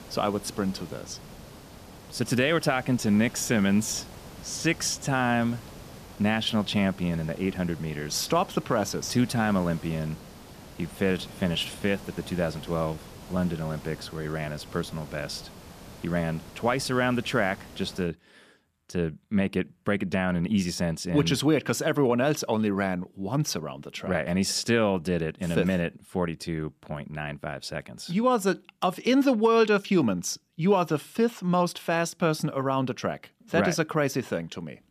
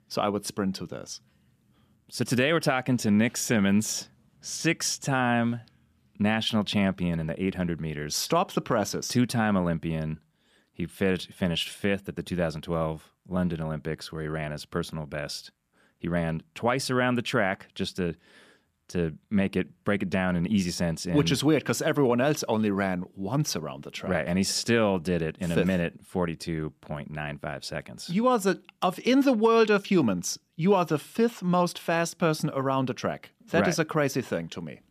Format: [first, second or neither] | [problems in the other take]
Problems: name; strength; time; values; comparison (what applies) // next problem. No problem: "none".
second | hiss; noticeable; until 18 s; 20 dB below the speech